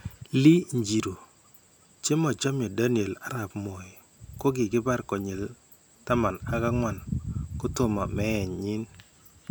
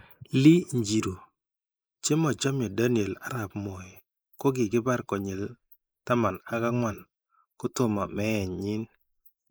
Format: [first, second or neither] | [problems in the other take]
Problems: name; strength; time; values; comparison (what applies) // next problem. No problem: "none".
first | noise reduction (neural mask model Resemble Enhance denoiser)